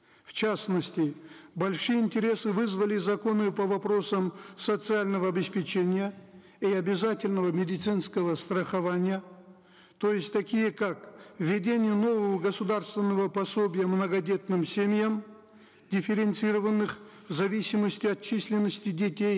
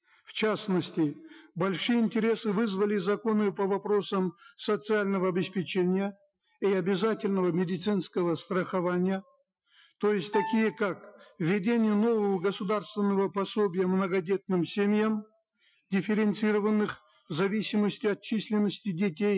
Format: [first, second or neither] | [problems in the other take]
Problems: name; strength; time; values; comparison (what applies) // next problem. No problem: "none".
first | noise reduction (classical method Wiener filter)